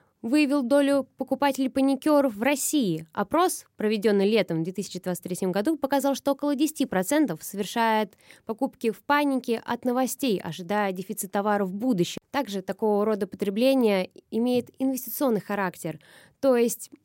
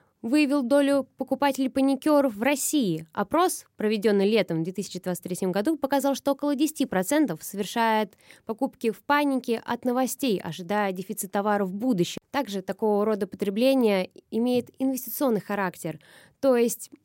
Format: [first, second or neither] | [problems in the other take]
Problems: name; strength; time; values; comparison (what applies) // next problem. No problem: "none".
neither | none